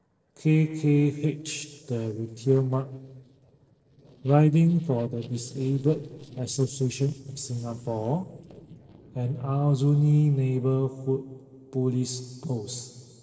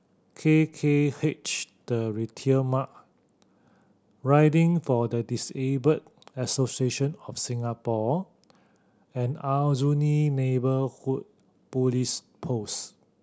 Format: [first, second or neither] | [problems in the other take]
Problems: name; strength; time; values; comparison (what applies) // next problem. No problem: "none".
second | noise reduction (neural separator model SepFormer DNS4)